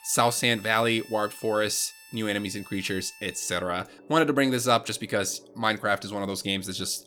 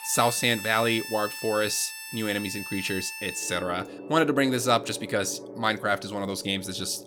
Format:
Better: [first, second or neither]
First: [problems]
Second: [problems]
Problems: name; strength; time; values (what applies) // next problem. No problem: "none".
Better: first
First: background music; faint; throughout; 20 dB below the speech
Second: background music; loud; throughout; 10 dB below the speech